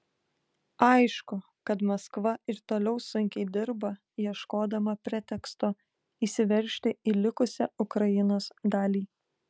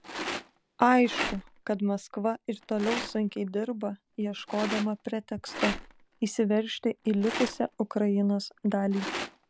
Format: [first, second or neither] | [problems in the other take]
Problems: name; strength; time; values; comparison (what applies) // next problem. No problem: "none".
first | background sound (Rattle); 10 dB below the speech